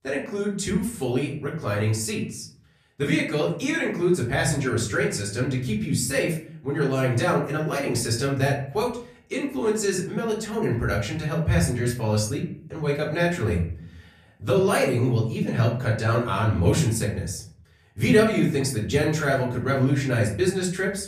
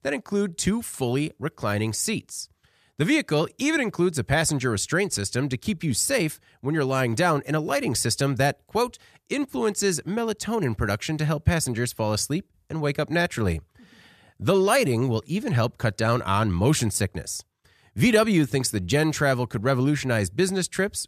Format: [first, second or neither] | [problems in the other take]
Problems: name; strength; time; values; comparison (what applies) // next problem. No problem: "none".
second | off-mic speech; far // room echo; slight; dies away in 0.5 s